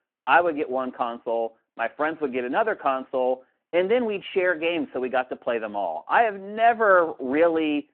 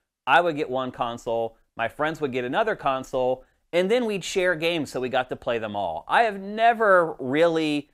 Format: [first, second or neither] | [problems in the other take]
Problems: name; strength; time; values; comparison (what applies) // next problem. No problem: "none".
second | phone-call audio